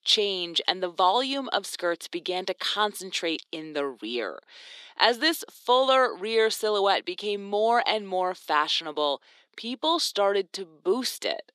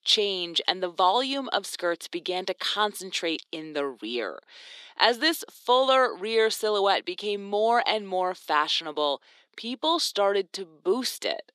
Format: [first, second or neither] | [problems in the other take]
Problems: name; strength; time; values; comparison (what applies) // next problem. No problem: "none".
neither | thin; somewhat; fading below 350 Hz; the same in both